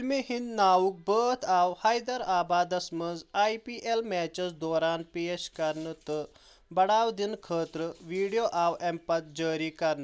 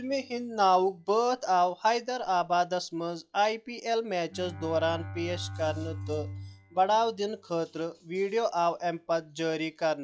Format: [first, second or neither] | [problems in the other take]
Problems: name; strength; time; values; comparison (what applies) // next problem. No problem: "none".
first | noise reduction (classical method log-MMSE)